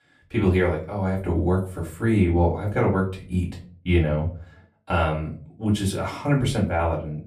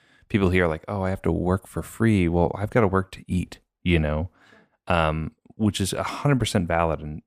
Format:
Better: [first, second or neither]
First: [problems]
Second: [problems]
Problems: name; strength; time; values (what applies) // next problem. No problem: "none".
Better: second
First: off-mic speech; far // room echo; very slight; dies away in 0.3 s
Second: none